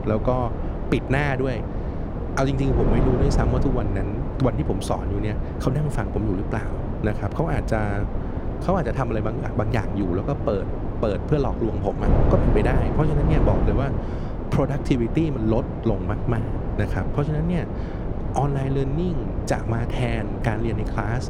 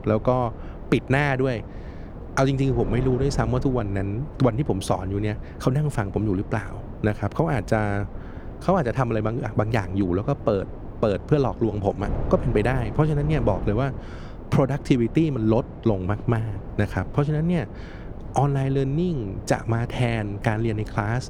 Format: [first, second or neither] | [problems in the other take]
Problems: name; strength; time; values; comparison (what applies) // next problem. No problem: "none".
second | wind noise on the microphone; heavy; 5 dB below the speech; occasional gusts in the second